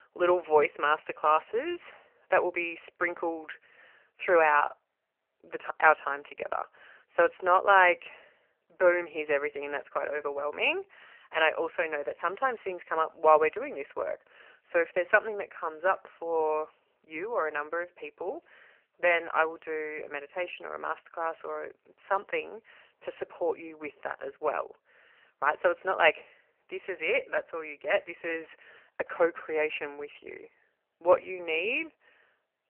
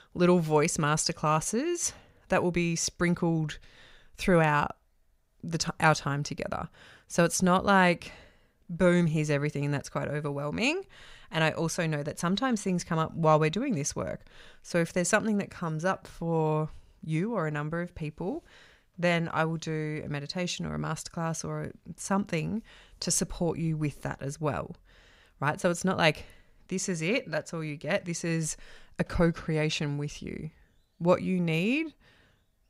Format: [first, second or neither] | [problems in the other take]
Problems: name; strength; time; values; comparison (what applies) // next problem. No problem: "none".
second | phone-call audio; poor line; nothing above 3 kHz